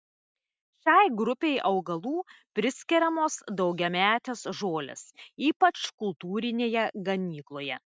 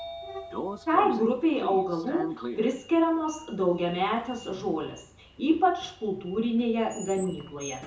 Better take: first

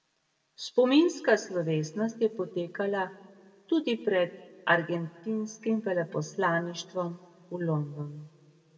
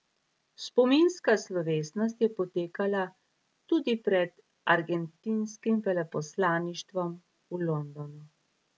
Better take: second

